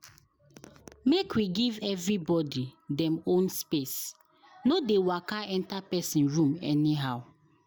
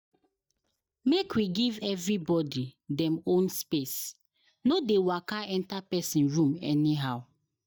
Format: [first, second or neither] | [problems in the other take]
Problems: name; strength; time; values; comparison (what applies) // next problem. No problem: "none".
first | noise reduction (neural mask model DeepFilterNet 3)